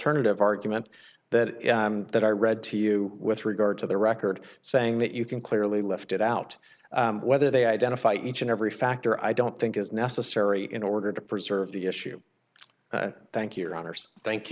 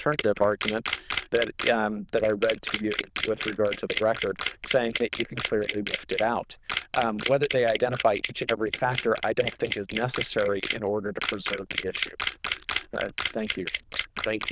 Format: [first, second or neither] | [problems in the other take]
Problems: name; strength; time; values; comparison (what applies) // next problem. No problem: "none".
first | noise reduction (neural diffusion model UNIVERSE++)